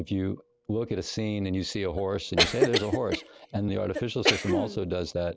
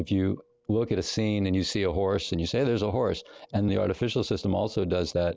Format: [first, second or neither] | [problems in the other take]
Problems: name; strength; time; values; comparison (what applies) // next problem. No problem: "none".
second | background sound (Cough); as loud as the speech